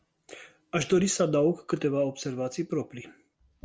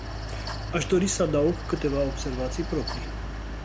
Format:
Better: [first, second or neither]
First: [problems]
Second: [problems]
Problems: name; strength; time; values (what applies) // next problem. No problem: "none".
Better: first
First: none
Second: background sound (Mechanical fan); 5 dB below the speech